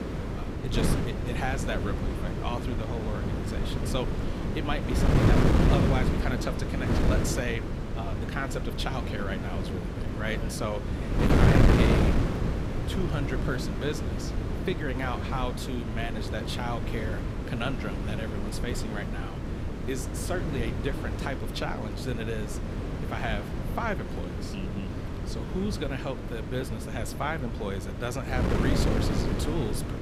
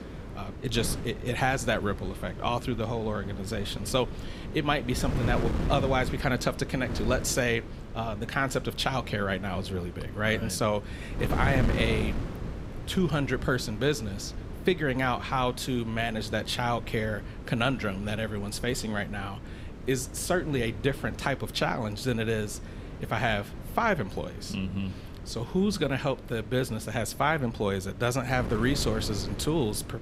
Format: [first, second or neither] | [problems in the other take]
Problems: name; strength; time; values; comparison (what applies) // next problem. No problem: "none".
second | wind noise on the microphone; heavy; as loud as the speech; occasional gusts in the second